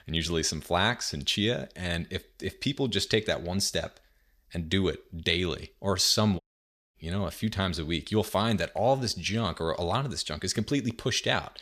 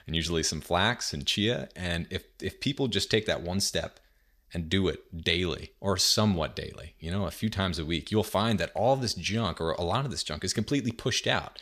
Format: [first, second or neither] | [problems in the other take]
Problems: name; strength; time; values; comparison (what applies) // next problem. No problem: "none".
second | audio cutting out; at 6.5 s for 0.5 s